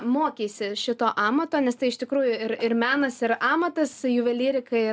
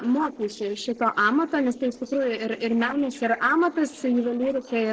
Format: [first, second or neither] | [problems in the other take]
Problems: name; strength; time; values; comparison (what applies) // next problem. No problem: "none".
first | noise reduction (neural separator model SepFormer DNS4)